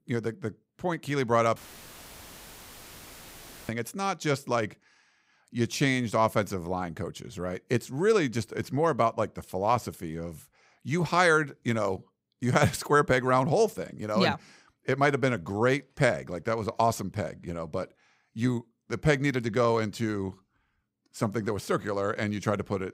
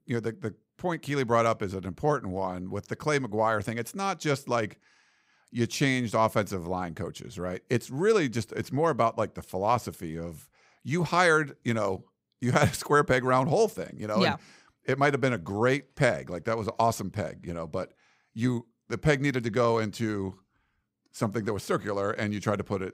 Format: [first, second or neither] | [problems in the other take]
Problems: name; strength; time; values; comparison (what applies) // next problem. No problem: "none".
second | audio cutting out; filled with static; at 1.5 s for 2 s